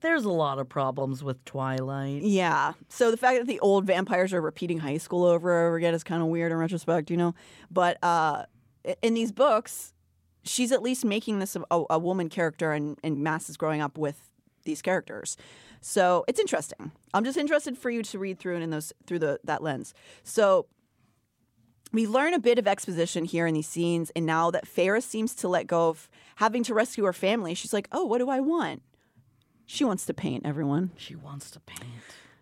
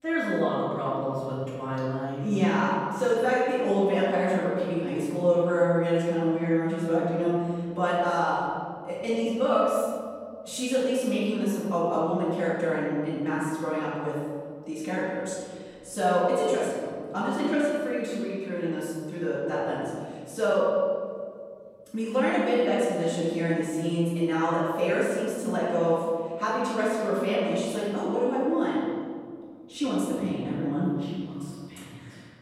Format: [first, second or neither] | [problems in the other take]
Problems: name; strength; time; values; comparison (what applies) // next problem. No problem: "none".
first | room echo; strong; dies away in 1.9 s // off-mic speech; far